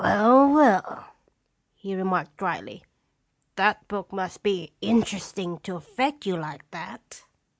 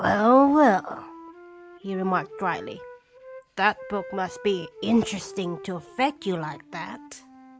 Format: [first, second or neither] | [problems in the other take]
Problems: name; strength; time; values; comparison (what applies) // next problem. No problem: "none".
first | background sound (Wind instrument, woodwind instrument); 18 dB below the speech